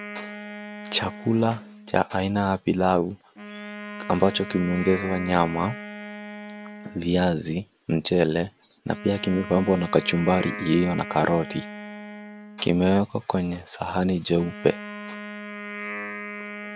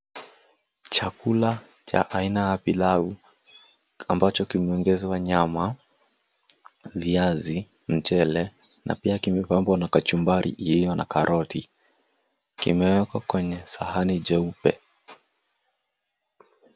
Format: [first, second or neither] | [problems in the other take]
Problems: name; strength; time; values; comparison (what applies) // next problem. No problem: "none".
second | background sound (Wind instrument, woodwind instrument); 13 dB below the speech